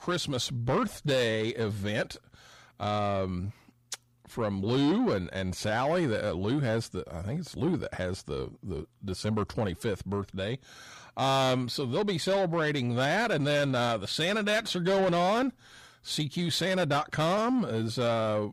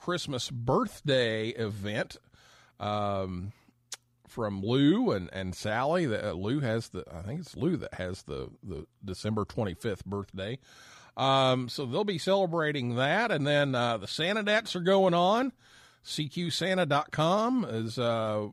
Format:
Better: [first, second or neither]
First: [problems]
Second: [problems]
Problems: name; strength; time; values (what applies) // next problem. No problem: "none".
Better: second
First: distortion; slight; 10 dB below the speech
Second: none